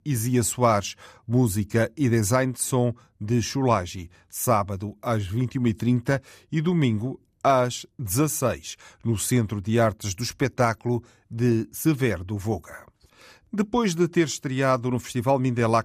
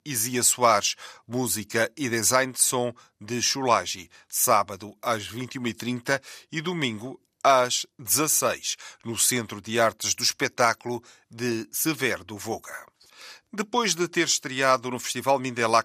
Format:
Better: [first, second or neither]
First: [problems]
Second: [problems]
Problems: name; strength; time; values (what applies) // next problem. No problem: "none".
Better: first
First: none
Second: thin; somewhat; fading below 1 kHz